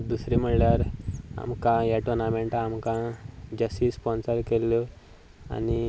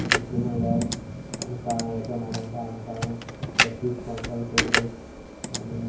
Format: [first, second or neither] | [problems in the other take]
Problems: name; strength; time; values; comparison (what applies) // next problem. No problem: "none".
first | background sound (Computer keyboard); as loud as the speech // room echo; dies away in 0.9 s